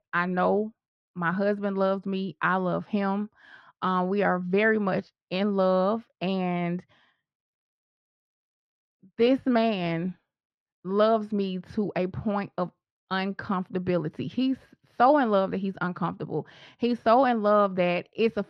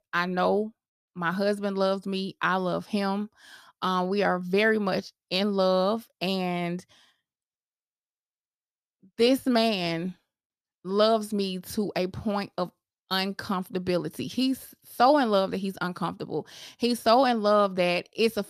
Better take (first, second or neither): second